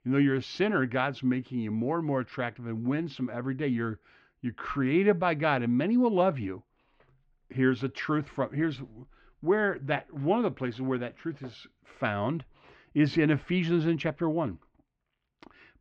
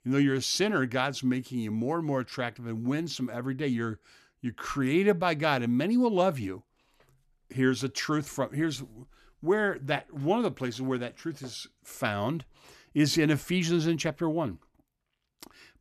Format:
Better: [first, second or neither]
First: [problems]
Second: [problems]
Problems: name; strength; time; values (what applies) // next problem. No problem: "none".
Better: second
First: muffled; slightly; fading above 3 kHz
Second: none